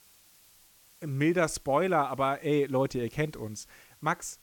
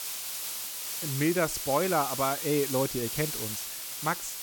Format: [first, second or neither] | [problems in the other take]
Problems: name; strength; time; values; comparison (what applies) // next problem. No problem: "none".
first | hiss; loud; throughout; 3 dB below the speech; faint in the first